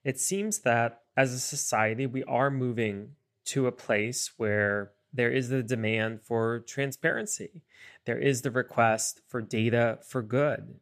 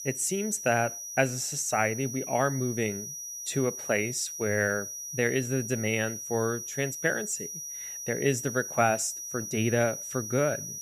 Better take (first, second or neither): first